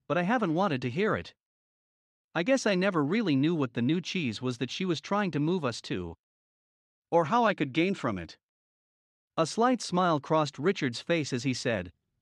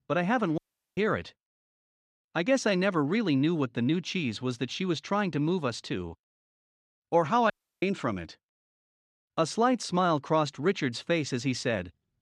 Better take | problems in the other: first | audio cutting out; at 0.5 s and at 7.5 s

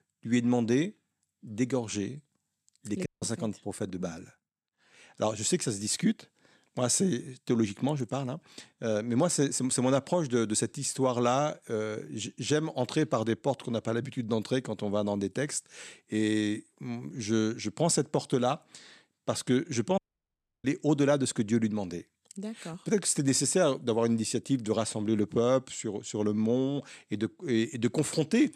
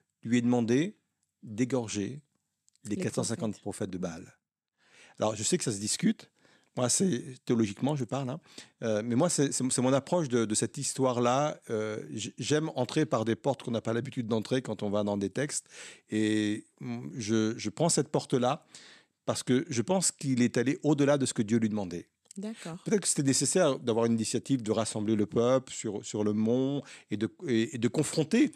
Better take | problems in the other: second | audio cutting out; at 3 s and at 20 s for 0.5 s

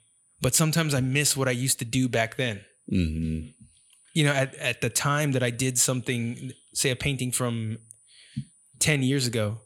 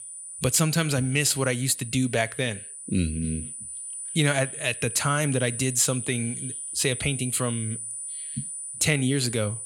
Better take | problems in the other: first | high-pitched whine; loud; throughout; 9.5 kHz, 8 dB below the speech; faint in the first

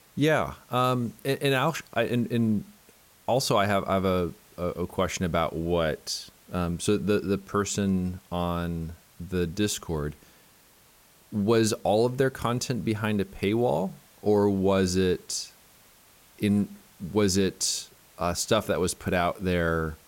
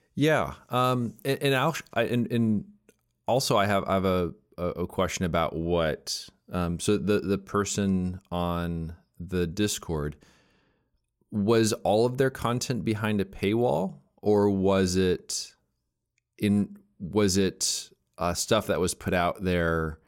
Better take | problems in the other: second | hiss; faint; throughout; 30 dB below the speech

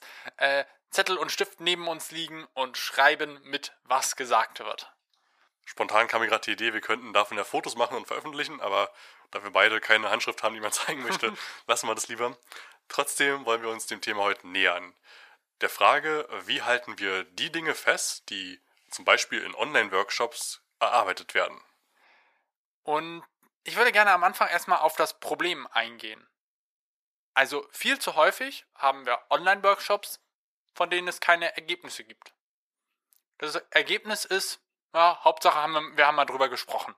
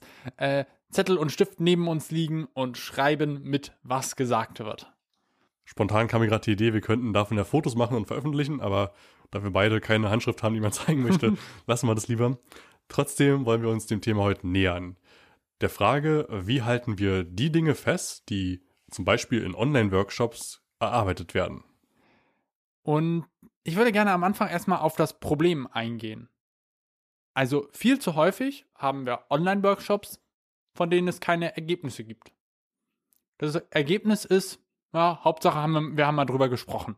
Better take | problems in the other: second | thin; very; fading below 800 Hz

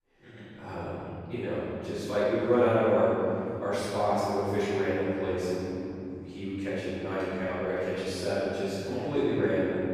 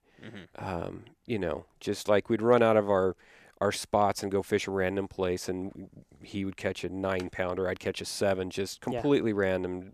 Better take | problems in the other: second | room echo; strong; dies away in 3 s // off-mic speech; far

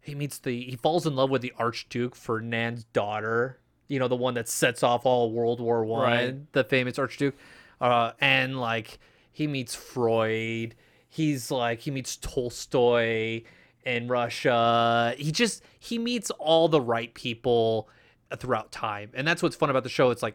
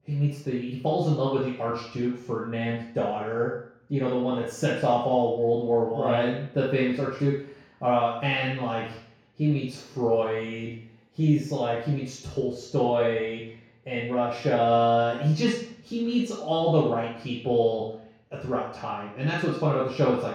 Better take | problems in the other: first | room echo; noticeable; dies away in 0.6 s // off-mic speech; far

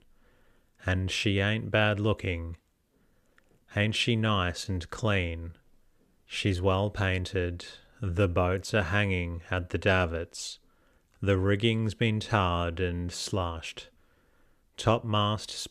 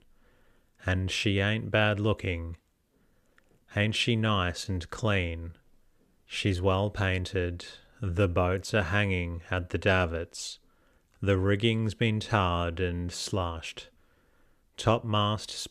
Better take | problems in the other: neither | none

